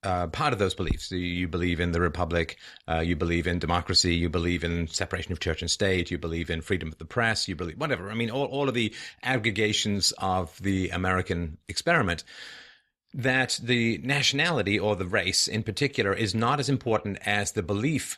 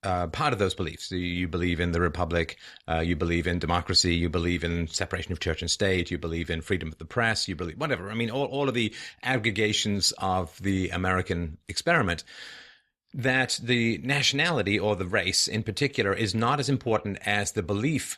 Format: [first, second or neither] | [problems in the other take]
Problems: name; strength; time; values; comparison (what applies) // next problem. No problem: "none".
second | footsteps; noticeable; at 1 s; peak 8 dB below the speech